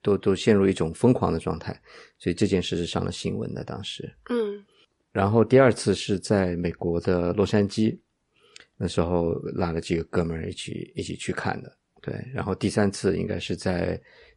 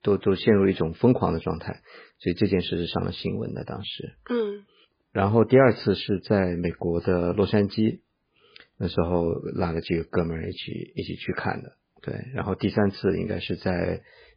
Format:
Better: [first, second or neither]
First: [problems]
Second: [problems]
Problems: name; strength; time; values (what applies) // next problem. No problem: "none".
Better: first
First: garbled, watery; slightly; nothing above 10 kHz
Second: garbled, watery; badly; nothing above 5 kHz